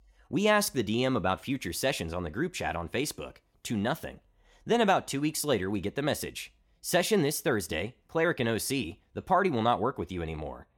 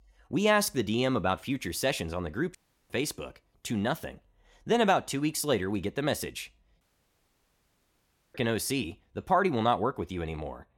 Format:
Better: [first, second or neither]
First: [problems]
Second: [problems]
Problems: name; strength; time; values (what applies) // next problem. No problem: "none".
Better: first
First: none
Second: audio cutting out; at 2.5 s and at 7 s for 1.5 s